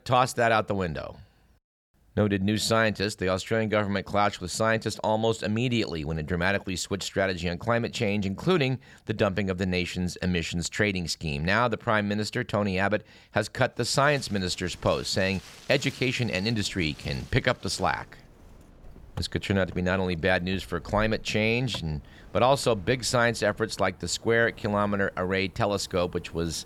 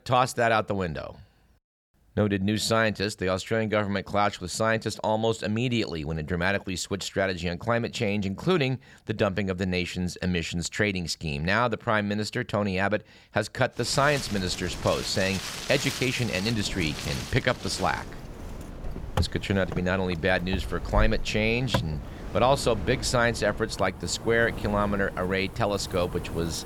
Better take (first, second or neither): first